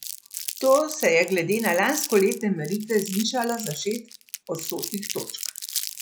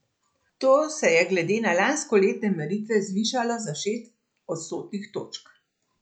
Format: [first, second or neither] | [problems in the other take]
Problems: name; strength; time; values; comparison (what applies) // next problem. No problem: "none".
second | background sound (Crumpling, crinkling); 10 dB below the speech